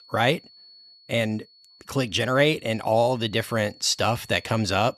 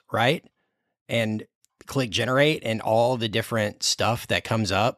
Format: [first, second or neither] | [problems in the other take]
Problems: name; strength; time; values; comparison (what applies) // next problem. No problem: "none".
second | high-pitched whine; faint; throughout; 4.5 kHz, 25 dB below the speech